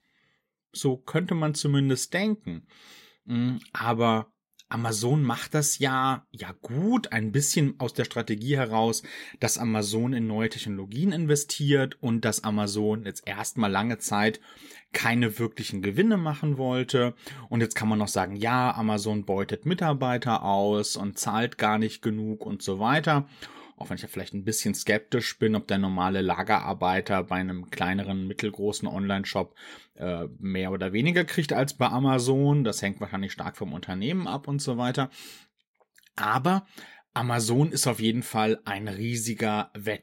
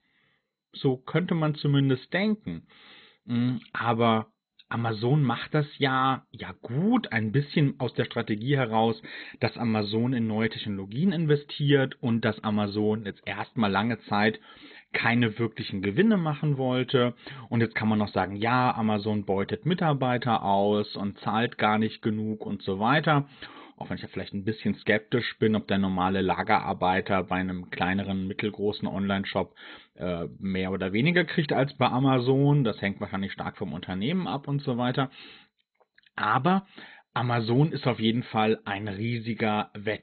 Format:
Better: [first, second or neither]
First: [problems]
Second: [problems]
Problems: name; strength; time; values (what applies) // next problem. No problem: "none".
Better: first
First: none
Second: garbled, watery; badly; nothing above 4 kHz